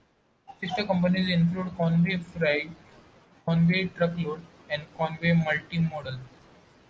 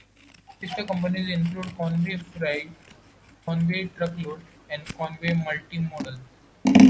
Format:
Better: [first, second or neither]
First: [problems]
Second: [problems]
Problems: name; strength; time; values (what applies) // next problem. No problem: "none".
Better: first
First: none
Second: background sound (Scissors); 3 dB above the speech